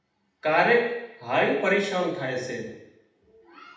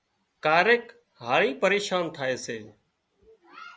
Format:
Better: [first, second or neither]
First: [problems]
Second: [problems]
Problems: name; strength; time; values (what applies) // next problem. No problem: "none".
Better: second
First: room echo; dies away in 0.8 s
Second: none